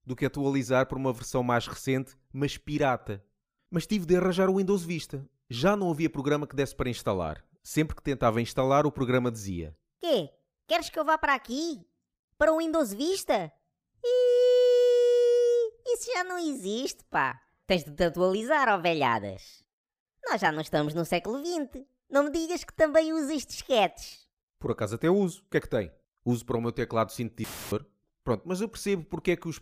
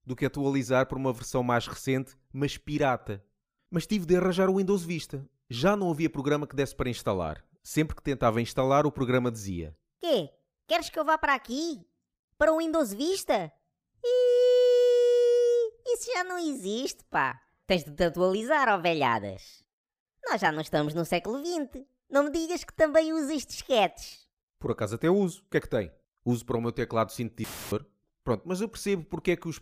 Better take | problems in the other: neither | audio cutting out; filled with static; at 27 s; the same in both

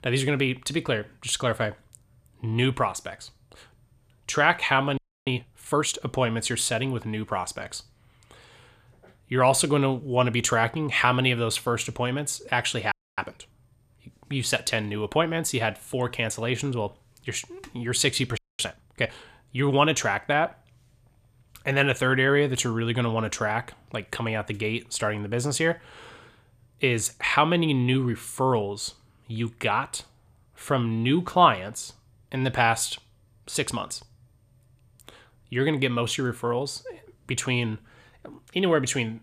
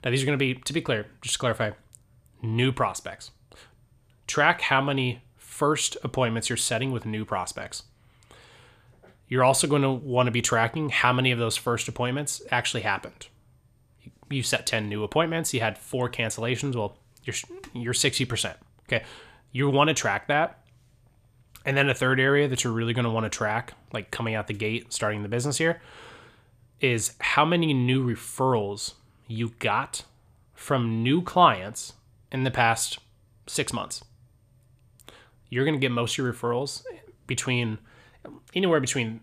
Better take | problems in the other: second | audio freezing; at 5 s, at 13 s and at 18 s

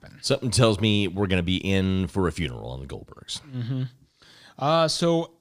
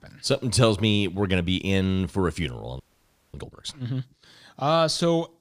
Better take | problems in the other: first | audio freezing; at 3 s for 0.5 s

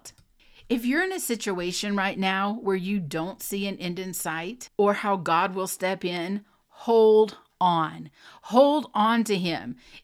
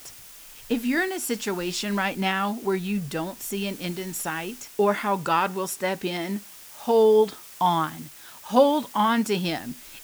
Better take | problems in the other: first | hiss; noticeable; throughout; 20 dB below the speech

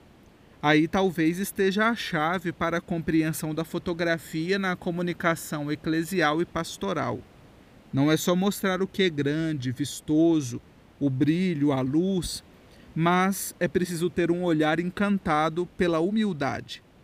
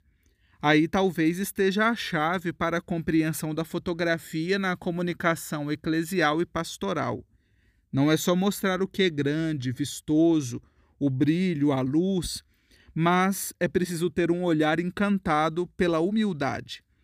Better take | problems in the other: second | hiss; faint; throughout; 30 dB below the speech

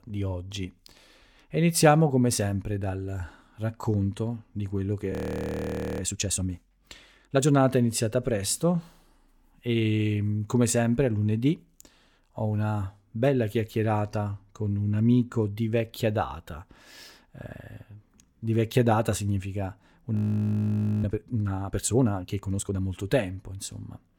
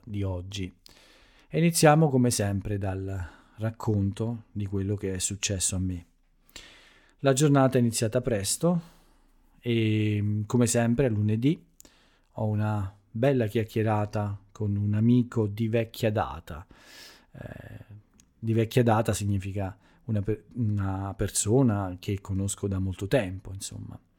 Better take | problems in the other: second | audio freezing; at 5 s for 1 s and at 20 s for 1 s

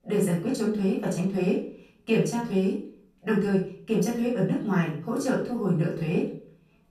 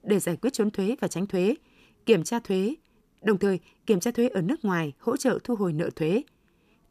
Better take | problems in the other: second | off-mic speech; far // room echo; noticeable; dies away in 0.4 s

